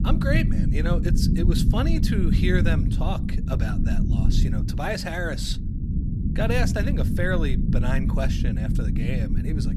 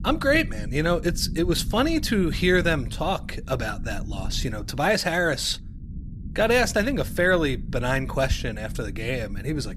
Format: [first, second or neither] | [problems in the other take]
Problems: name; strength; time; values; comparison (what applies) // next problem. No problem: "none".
second | low rumble; loud; throughout; 4 dB below the speech; faint in the second